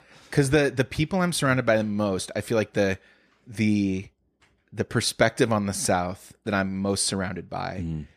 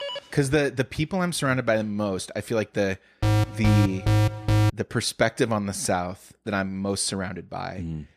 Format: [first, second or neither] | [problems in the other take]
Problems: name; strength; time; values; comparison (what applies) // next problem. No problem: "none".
first | phone ringing; noticeable; at the start; peak 7 dB below the speech // alarm; loud; from 3 to 4.5 s; peak 4 dB above the speech